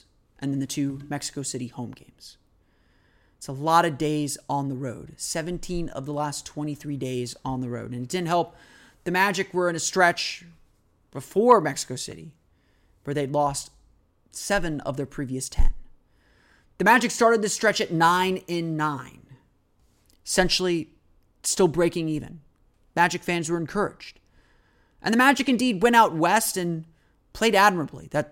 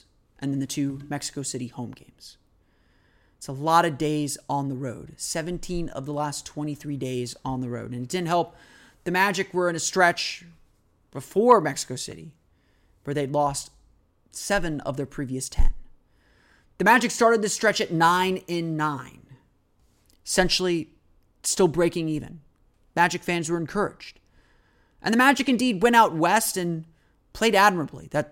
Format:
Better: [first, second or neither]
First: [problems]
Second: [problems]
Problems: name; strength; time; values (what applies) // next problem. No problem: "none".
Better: neither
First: none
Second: none